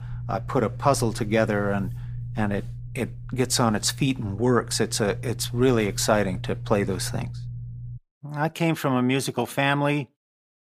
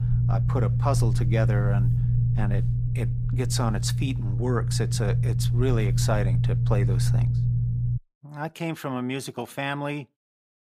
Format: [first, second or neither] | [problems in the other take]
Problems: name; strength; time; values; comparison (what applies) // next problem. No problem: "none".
first | low rumble; loud; until 8 s; 5 dB below the speech; faint in the first